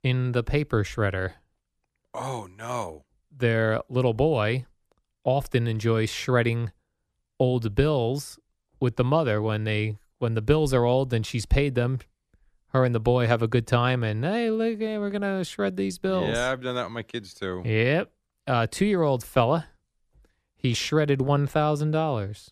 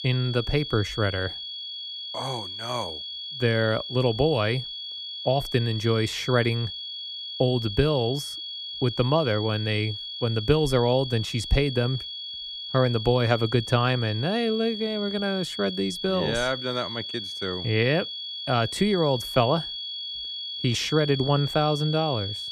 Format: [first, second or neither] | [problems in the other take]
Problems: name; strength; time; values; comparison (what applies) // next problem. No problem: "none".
first | high-pitched whine; loud; throughout; 3.5 kHz, 7 dB below the speech